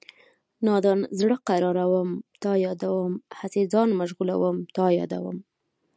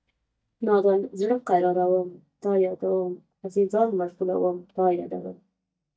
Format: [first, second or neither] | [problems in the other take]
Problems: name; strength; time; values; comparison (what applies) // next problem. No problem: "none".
first | noise reduction (neural mask model DeepFilterNet 3)